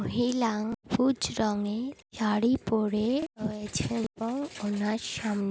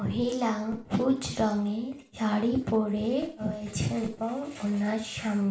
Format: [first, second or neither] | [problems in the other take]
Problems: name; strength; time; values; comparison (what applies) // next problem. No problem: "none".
first | room echo; dies away in 0.4 s